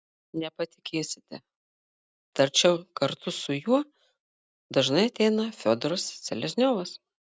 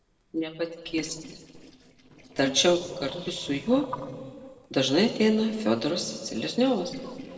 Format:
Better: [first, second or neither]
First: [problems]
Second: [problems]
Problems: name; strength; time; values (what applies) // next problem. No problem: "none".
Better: first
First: none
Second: noise reduction (neural separator model SepFormer DNS4)